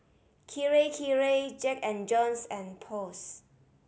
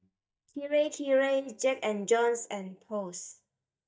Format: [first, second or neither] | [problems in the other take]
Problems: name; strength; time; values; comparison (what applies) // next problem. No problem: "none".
first | noise reduction (neural mask model DeepFilterNet 3)